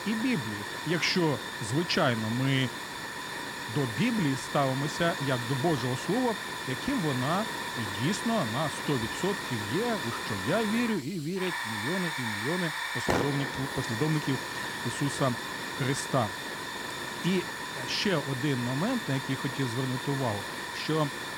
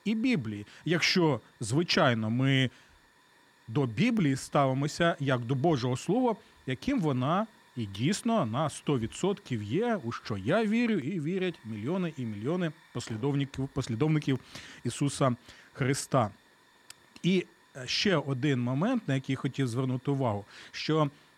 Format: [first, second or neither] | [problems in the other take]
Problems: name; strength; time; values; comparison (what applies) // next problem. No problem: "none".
second | hiss; loud; throughout; 3 dB below the speech; faint in the second